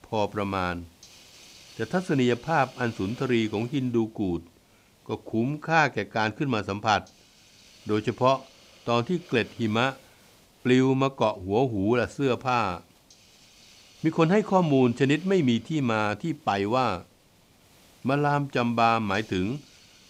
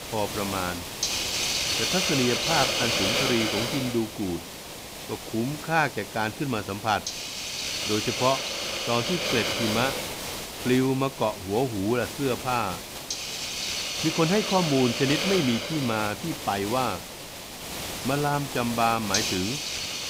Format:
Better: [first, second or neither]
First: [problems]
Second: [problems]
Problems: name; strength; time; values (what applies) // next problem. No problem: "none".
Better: first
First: hiss; faint; throughout; 25 dB below the speech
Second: hiss; loud; throughout; 1 dB below the speech